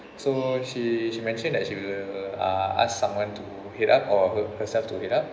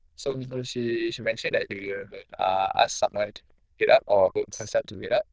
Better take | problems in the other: first | noise reduction (neural diffusion model UNIVERSE++)

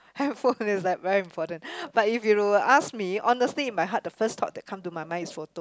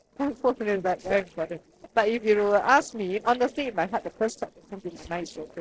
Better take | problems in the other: first | noise reduction (neural separator model SepFormer DNS4)

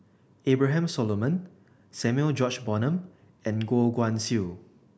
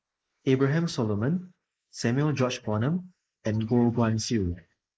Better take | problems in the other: first | noise reduction (neural mask model Resemble Enhance denoiser)

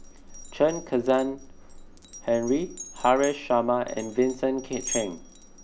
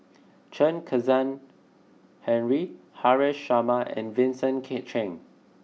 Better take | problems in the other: second | background sound (Glass); 14 dB below the speech

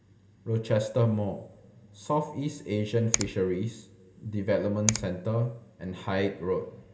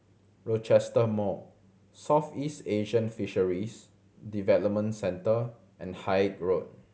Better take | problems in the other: second | background sound (Finger snapping); 6 dB below the speech // room echo; dies away in 2.4 s

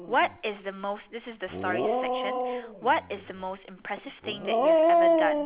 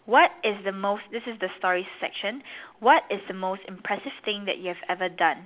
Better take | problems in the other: second | background sound (Dog); 4 dB above the speech

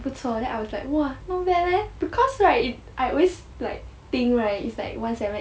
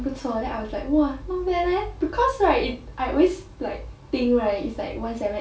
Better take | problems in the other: first | room echo; dies away in 0.3 s

